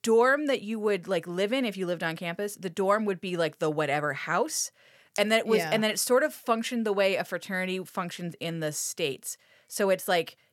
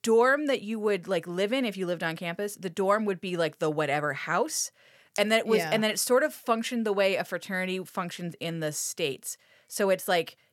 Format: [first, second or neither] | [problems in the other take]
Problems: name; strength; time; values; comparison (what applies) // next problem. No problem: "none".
neither | none